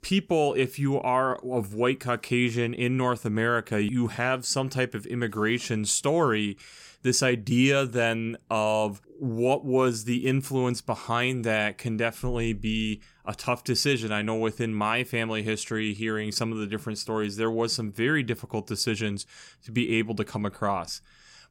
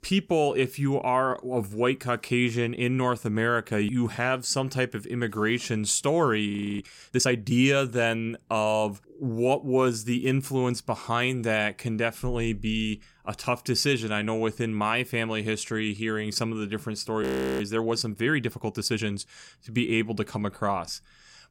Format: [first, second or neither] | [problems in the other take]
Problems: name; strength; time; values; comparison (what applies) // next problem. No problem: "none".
first | audio freezing; at 6.5 s and at 17 s